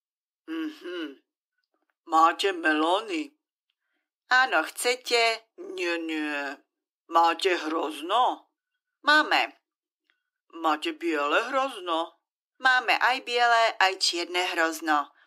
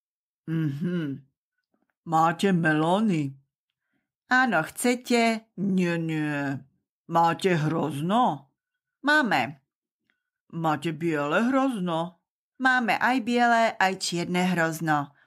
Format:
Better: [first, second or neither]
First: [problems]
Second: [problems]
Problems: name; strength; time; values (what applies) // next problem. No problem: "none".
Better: second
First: thin; very; fading below 300 Hz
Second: none